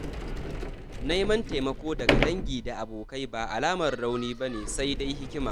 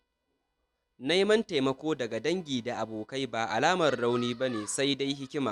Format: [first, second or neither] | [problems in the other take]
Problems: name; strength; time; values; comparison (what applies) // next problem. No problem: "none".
second | background sound (Sliding door); 1 dB below the speech